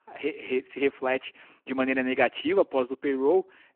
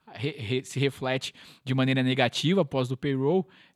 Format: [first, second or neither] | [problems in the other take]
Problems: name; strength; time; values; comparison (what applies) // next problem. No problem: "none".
second | phone-call audio